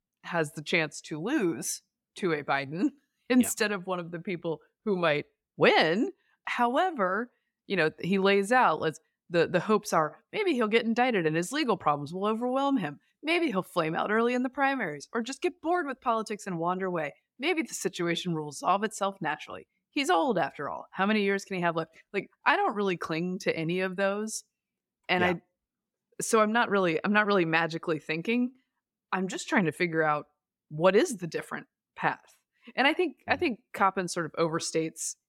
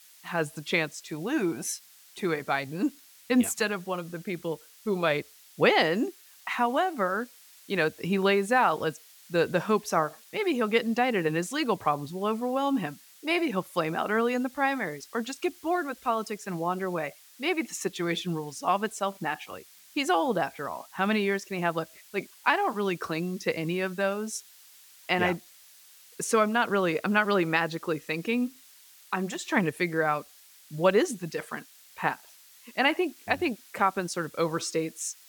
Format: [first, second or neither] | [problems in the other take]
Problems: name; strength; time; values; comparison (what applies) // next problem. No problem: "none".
first | hiss; faint; throughout; 25 dB below the speech